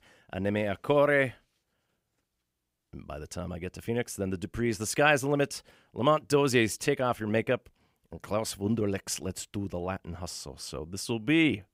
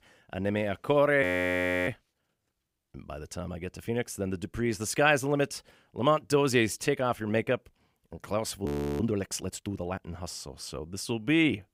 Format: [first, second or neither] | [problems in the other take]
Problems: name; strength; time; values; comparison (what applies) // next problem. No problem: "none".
first | audio freezing; at 1 s for 0.5 s and at 8.5 s